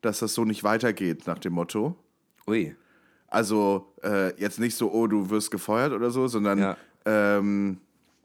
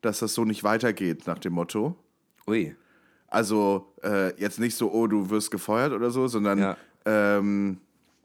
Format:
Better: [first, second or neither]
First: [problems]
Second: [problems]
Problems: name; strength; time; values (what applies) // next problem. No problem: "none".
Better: neither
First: none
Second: none